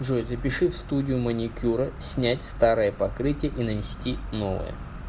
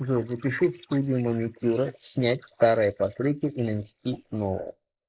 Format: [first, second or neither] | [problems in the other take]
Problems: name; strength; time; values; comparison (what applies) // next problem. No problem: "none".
first | noise reduction (neural mask model Resemble Enhance denoiser)